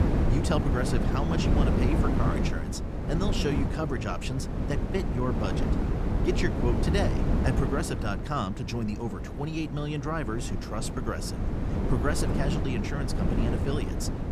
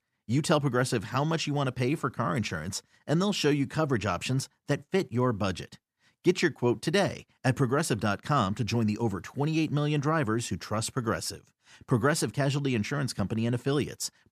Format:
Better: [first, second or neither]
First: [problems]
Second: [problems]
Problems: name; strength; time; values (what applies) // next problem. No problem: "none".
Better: second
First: wind noise on the microphone; heavy; 2 dB below the speech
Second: none